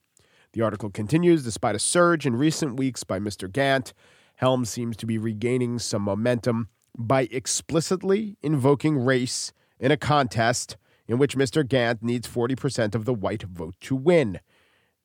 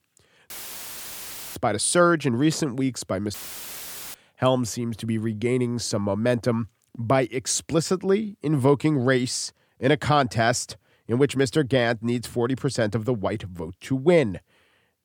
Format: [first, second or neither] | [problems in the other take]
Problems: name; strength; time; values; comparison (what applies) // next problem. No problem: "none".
first | audio cutting out; filled with static; at 0.5 s for 1 s and at 3.5 s for 1 s